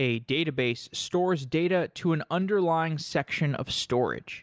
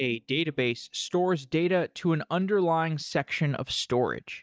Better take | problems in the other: first | noise reduction (neural mask model DeepFilterNet 3)

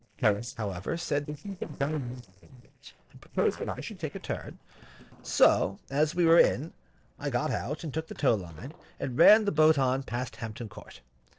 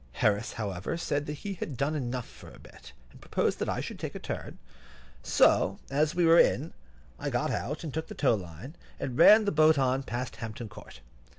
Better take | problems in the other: second | noise reduction (neural separator model SepFormer DNS4)

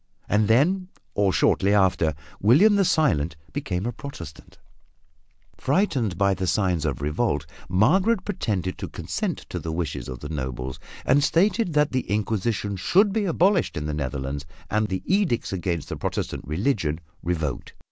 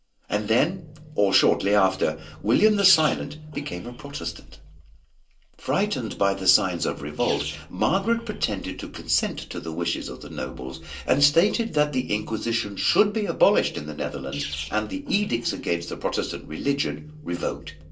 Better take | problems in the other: first | background sound (Sneeze); 16 dB below the speech // room echo; dies away in 0.2 s

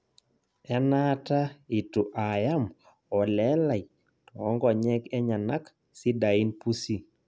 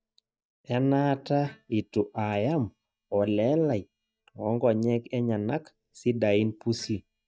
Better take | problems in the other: first | noise reduction (neural mask model DeepFilterNet 3)

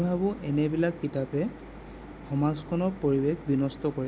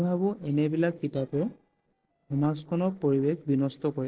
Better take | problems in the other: first | noise reduction (neural separator model SepFormer DNS4)

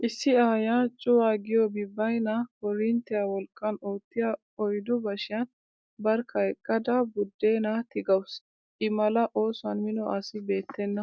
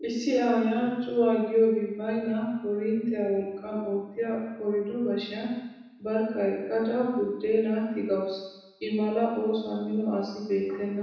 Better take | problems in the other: first | room echo; dies away in 1.1 s

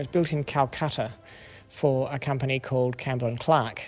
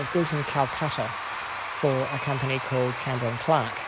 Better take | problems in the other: first | background sound (Applause / Crowd / Cheering); 6 dB below the speech

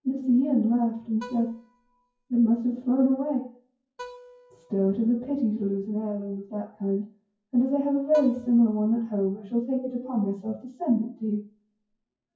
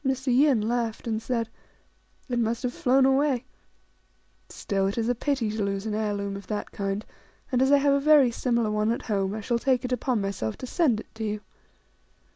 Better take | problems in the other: second | noise reduction (classical method WPE with log-MMSE)

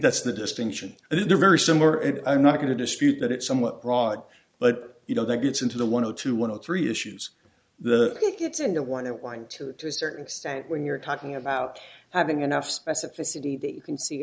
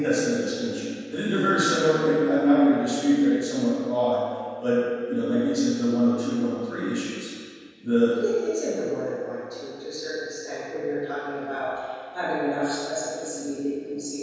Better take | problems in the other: first | room echo; dies away in 1.9 s

